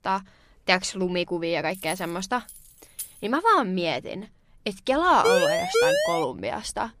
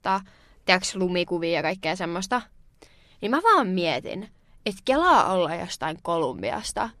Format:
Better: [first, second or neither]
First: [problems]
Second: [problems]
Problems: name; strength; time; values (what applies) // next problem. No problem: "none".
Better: second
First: jangling keys; faint; from 1.5 to 3 s; peak 10 dB below the speech // siren; loud; from 5 to 6 s; peak 4 dB above the speech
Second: none